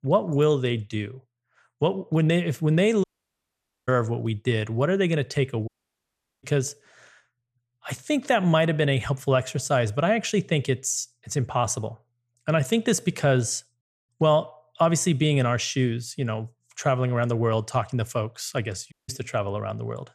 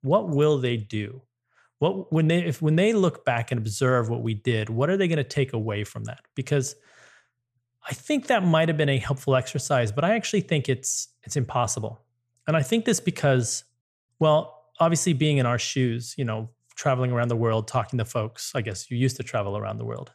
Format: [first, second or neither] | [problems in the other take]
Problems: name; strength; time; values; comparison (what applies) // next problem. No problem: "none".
second | audio cutting out; at 3 s for 1 s, at 5.5 s for 1 s and at 19 s